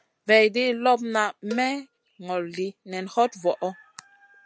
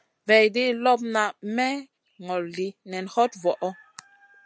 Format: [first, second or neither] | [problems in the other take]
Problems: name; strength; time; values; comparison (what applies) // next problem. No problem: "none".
second | background sound (Cowbell); 20 dB below the speech